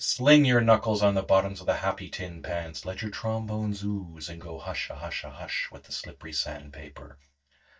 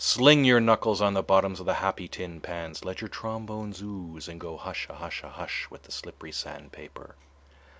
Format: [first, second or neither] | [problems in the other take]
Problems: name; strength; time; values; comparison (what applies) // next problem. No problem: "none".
second | noise reduction (neural mask model DeepFilterNet 3)